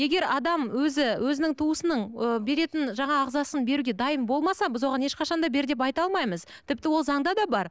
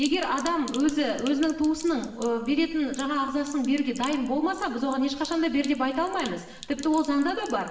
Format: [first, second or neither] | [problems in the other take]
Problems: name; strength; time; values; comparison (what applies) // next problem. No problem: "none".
first | background sound (Sink (filling or washing)); 19 dB below the speech // room echo; dies away in 0.8 s